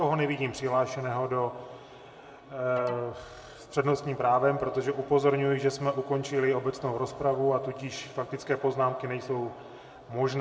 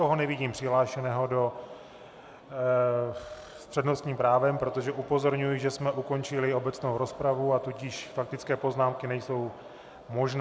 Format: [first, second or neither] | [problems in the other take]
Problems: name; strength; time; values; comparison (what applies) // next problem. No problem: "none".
second | background sound (Alarm); 17 dB below the speech // room echo; dies away in 1 s